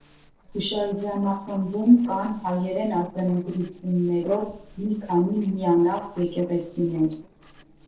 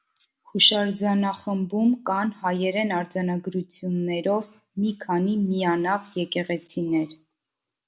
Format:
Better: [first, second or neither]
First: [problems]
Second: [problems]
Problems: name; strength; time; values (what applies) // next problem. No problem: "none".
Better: second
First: noise reduction (neural separator model SepFormer DNS4)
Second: none